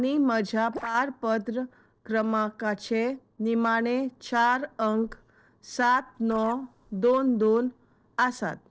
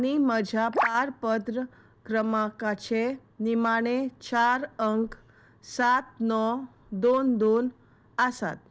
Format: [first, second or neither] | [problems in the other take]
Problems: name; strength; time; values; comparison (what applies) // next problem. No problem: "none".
second | noise reduction (neural separator model SepFormer DNS4)